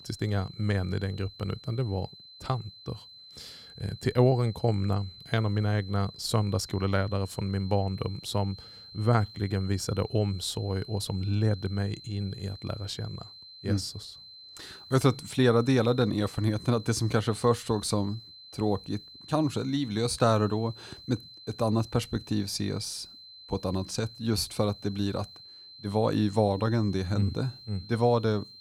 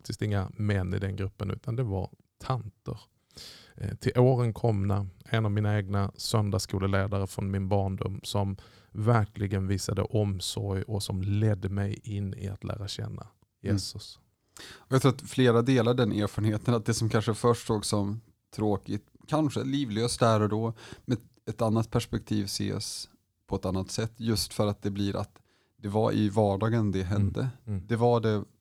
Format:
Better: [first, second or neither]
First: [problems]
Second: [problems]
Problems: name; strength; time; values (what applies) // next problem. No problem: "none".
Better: second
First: high-pitched whine; noticeable; throughout; 4 kHz, 15 dB below the speech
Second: none